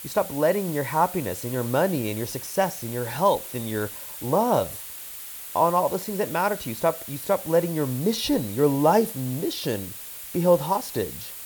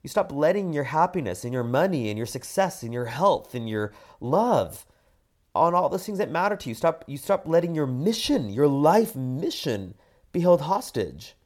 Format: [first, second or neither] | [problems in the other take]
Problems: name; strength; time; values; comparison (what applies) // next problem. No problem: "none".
second | hiss; loud; throughout; 10 dB below the speech